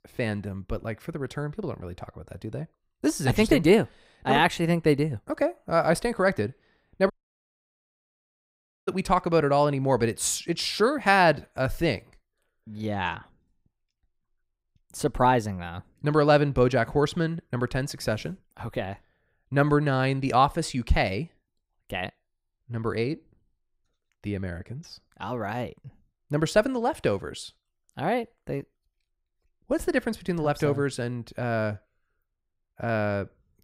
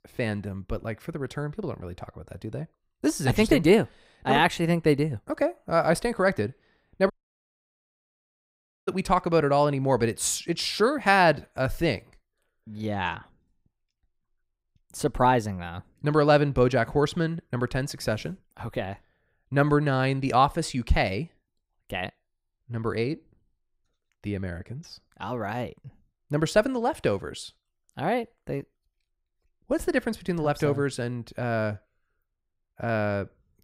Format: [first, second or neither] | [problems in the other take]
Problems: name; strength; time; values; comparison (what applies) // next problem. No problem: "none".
neither | audio cutting out; at 7 s for 2 s; the same in both